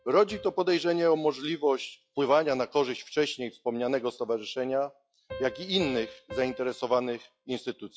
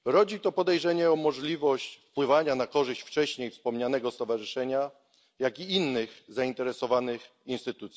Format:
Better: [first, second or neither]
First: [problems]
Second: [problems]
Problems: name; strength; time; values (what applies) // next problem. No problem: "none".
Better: second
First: noise reduction (classical method log-MMSE)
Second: none